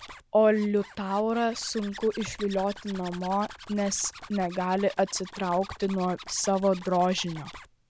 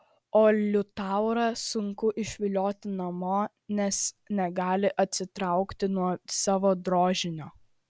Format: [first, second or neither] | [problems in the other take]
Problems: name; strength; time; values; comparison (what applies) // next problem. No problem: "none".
second | background sound (Zipper (clothing)); 18 dB below the speech